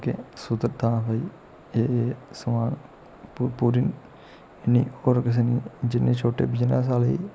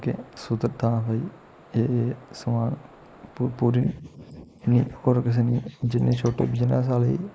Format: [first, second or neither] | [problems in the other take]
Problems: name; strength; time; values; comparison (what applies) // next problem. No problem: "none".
first | noise reduction (neural mask model Resemble Enhance denoiser)